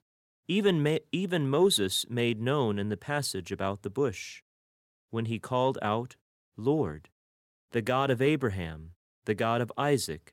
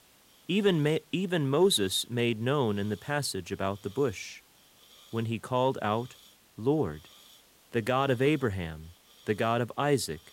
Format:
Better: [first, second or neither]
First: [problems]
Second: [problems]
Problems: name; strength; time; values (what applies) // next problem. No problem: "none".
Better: first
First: none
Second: hiss; faint; throughout; 25 dB below the speech